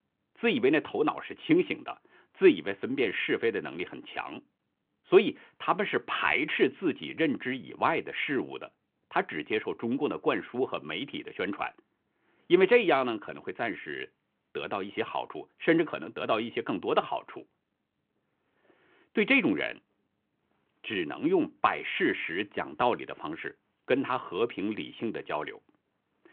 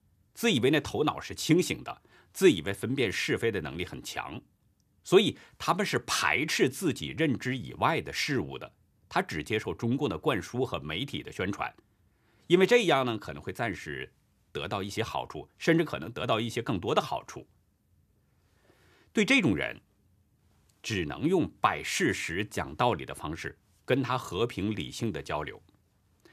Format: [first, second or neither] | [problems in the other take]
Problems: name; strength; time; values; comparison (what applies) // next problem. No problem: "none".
second | phone-call audio